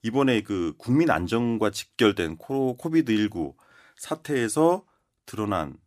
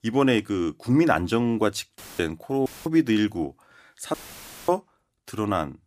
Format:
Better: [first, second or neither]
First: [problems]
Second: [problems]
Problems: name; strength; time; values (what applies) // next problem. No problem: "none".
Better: first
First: none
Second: audio cutting out; filled with static; at 2 s, at 2.5 s and at 4 s for 0.5 s